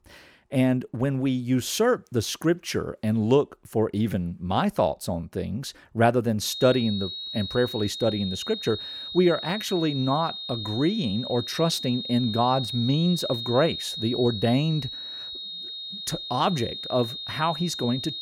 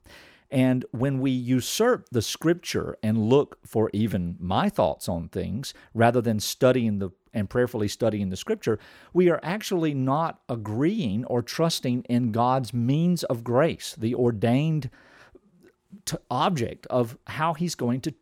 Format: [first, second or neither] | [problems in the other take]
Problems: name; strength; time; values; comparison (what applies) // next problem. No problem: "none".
second | high-pitched whine; loud; from 6.5 s on; 3.5 kHz, 7 dB below the speech